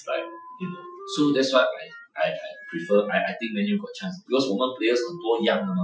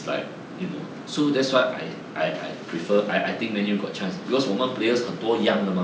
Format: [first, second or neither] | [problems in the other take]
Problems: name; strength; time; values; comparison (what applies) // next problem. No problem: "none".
second | noise reduction (classical method Wiener filter)